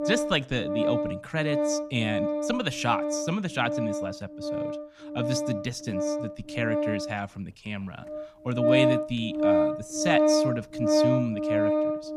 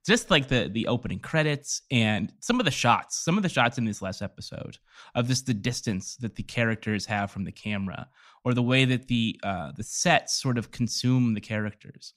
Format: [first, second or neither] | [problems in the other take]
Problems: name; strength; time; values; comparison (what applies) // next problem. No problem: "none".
second | background music; very loud; throughout; 3 dB above the speech